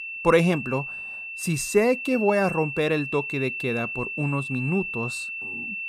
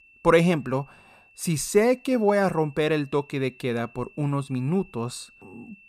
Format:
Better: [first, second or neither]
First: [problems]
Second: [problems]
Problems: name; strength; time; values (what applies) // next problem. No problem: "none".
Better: second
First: high-pitched whine; loud; throughout; 2.5 kHz, 6 dB below the speech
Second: high-pitched whine; faint; throughout; 2.5 kHz, 30 dB below the speech